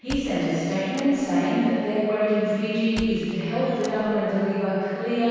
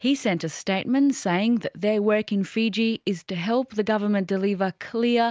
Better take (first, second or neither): second